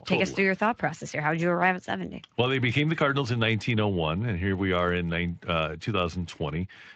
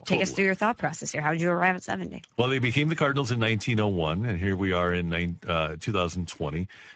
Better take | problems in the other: first | garbled, watery; badly; nothing above 7.5 kHz; slightly in the first

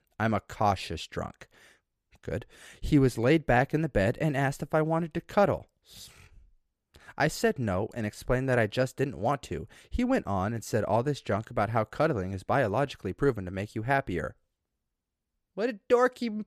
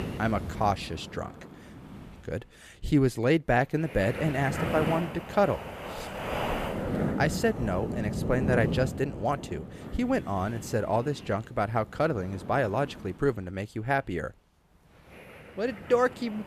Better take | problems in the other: first | wind noise on the microphone; heavy; 8 dB below the speech

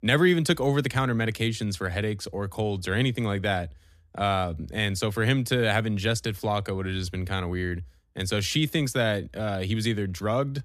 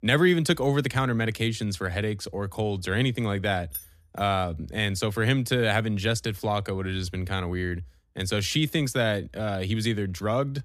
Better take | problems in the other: first | jangling keys; faint; at 3.5 s; peak 10 dB below the speech

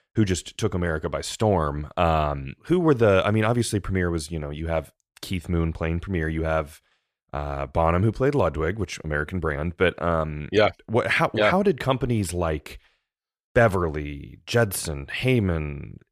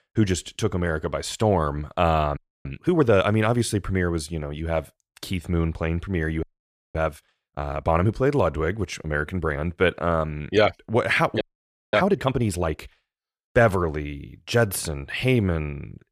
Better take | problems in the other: first | audio freezing; at 2.5 s, at 6.5 s for 0.5 s and at 11 s for 0.5 s

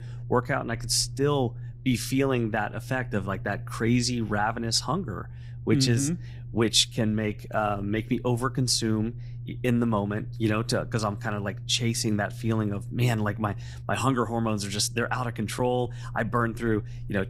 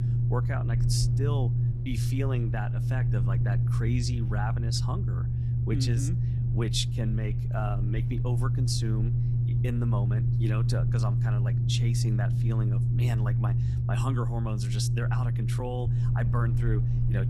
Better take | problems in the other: first | low rumble; loud; throughout; 2 dB below the speech; faint in the first

